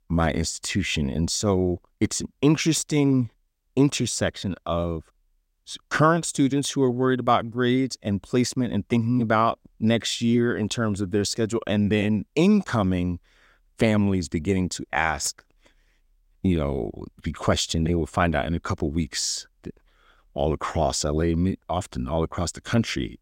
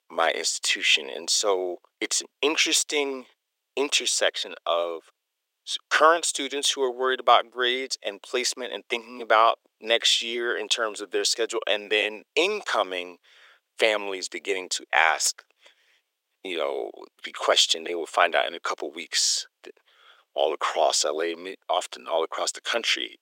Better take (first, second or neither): first